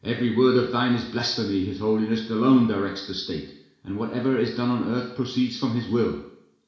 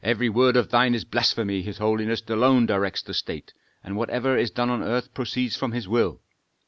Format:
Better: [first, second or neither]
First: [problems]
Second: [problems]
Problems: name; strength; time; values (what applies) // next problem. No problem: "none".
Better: second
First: room echo; dies away in 0.7 s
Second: none